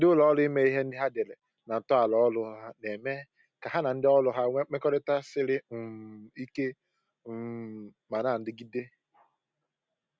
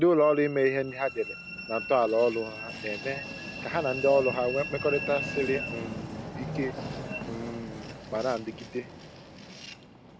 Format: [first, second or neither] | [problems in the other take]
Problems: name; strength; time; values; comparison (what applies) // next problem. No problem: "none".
first | background sound (Train); 9 dB below the speech